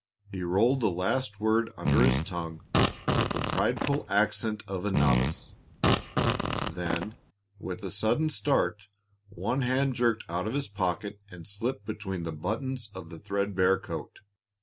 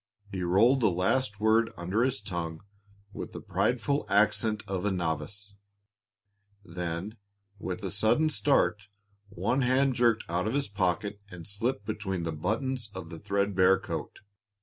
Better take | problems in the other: second | background sound (Fart); 2 dB above the speech

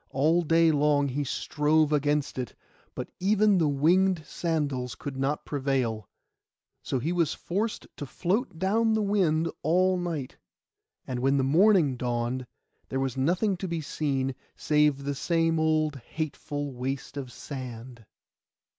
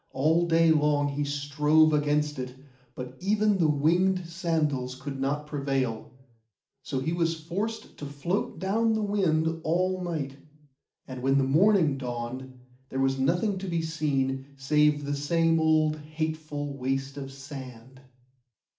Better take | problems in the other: first | room echo; dies away in 0.4 s

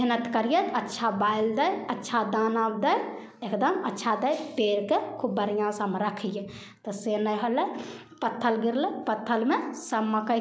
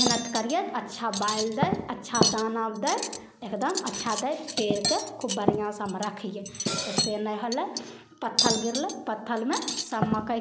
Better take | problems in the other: first | background sound (Cutlery, silverware + Cymbal); 1 dB below the speech

